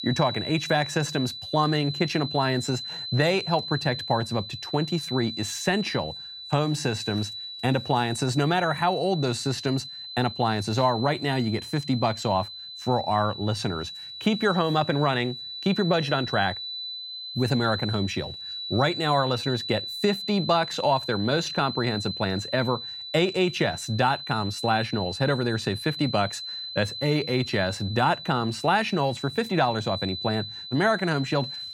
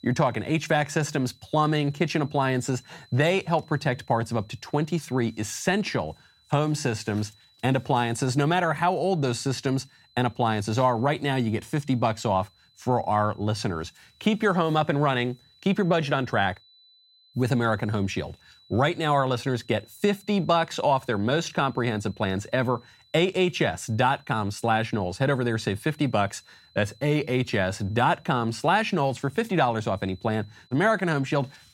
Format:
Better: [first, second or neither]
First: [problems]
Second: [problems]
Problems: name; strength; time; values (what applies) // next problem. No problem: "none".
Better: second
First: high-pitched whine; loud; throughout; 4 kHz, 8 dB below the speech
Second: high-pitched whine; faint; throughout; 4 kHz, 30 dB below the speech